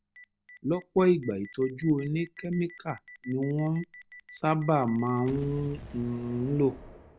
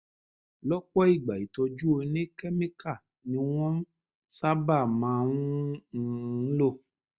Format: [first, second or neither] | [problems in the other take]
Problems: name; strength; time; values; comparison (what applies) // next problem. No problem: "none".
second | background sound (Boom); 19 dB below the speech